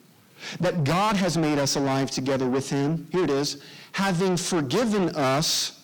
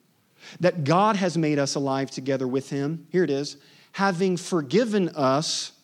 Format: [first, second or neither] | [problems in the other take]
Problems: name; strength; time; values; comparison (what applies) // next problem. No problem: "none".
second | distortion; heavy; 6 dB below the speech